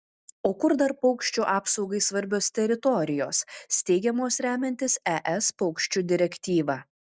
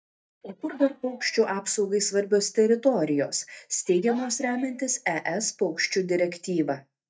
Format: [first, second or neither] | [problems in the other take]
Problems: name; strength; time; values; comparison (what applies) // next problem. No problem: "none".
first | noise reduction (neural mask model DeepFilterNet 3)